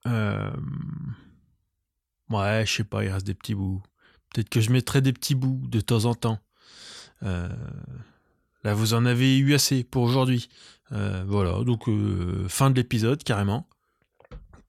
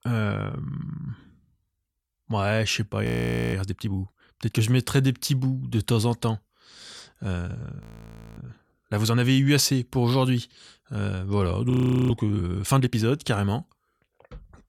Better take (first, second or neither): first